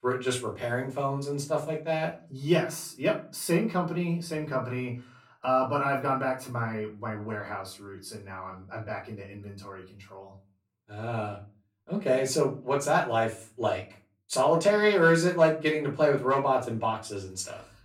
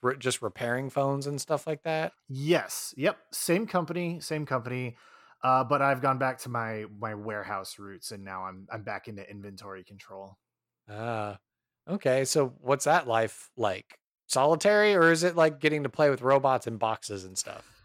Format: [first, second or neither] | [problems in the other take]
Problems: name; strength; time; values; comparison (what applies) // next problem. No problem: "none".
second | off-mic speech; far // room echo; very slight; dies away in 0.3 s